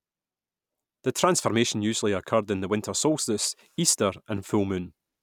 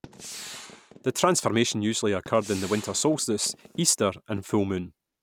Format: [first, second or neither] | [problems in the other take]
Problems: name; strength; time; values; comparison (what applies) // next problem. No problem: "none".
first | background sound (Gunshot, gunfire); 17 dB below the speech